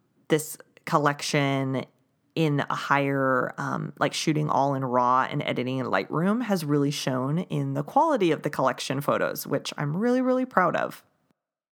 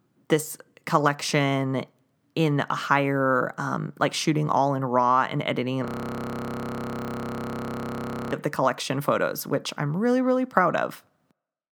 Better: first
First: none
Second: audio freezing; at 6 s for 2.5 s

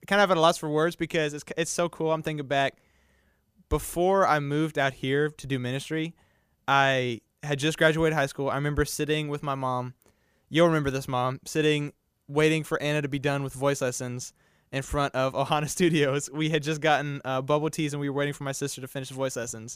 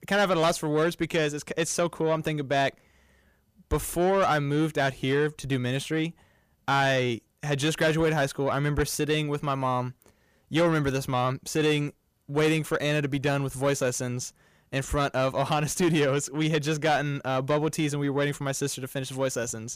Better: first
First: none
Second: distortion; slight; 10 dB below the speech

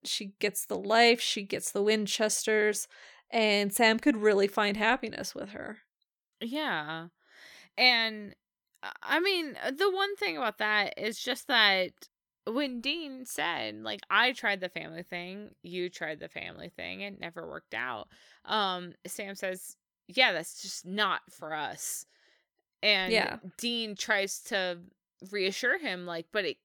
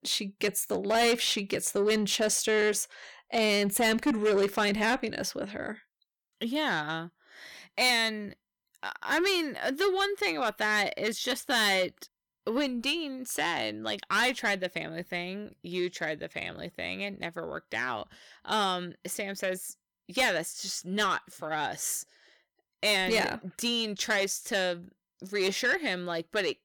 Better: first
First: none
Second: distortion; heavy; 8 dB below the speech

